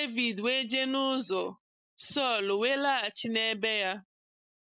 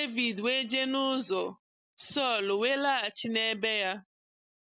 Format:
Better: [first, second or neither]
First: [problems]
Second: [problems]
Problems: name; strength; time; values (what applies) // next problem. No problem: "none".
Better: second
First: noise reduction (neural mask model Resemble Enhance denoiser)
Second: none